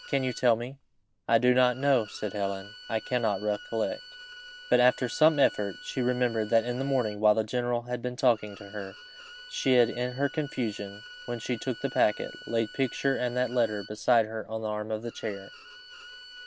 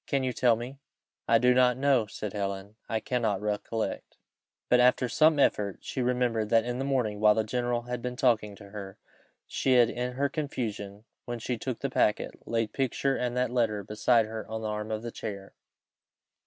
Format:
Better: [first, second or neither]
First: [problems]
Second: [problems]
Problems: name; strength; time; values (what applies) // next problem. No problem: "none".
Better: second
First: background sound (Bowed string instrument); 19 dB below the speech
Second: none